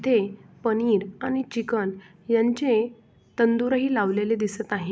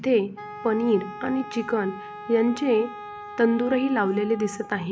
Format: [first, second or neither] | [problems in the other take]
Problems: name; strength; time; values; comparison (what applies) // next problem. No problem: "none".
first | background sound (Wind instrument, woodwind instrument); 14 dB below the speech